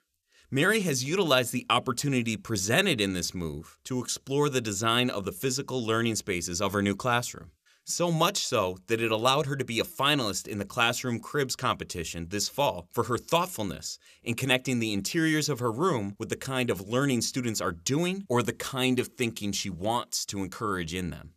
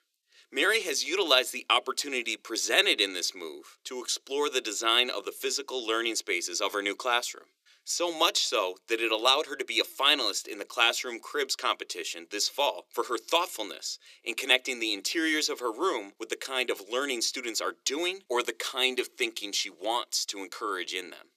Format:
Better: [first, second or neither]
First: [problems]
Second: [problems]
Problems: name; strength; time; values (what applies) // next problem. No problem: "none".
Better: first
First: none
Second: thin; very; fading below 350 Hz